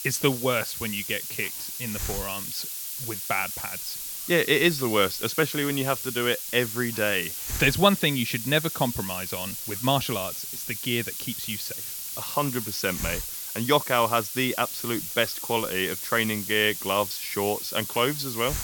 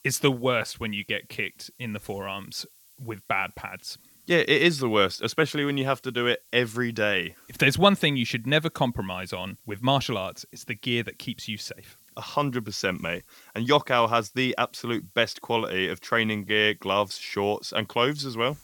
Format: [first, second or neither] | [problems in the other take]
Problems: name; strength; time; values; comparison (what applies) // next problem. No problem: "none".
second | hiss; loud; throughout; 5 dB below the speech; faint in the second